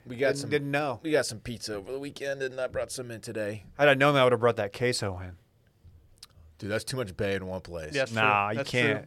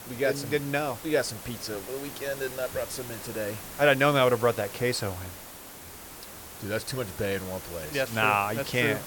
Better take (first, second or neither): first